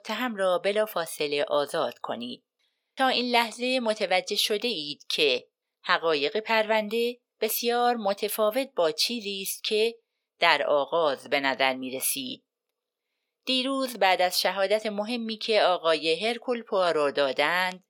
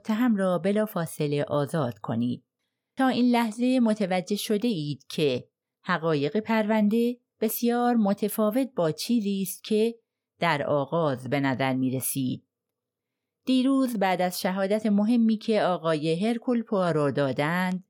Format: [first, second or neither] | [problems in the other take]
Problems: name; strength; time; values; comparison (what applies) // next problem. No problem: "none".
second | thin; somewhat; fading below 550 Hz